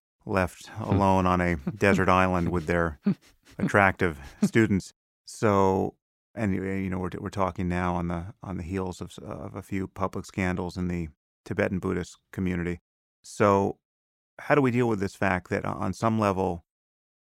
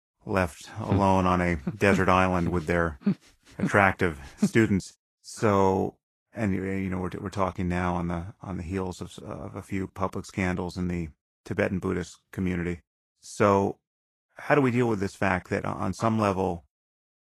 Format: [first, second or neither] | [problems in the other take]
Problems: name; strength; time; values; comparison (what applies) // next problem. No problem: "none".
first | garbled, watery; slightly; nothing above 12.5 kHz